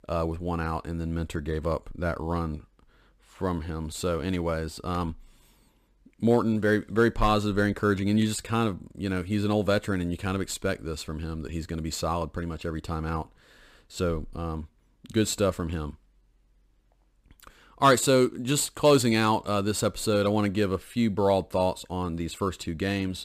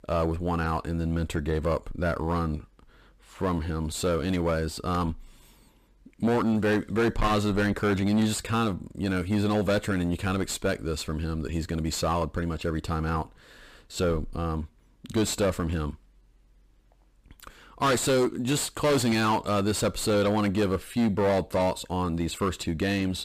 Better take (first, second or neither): first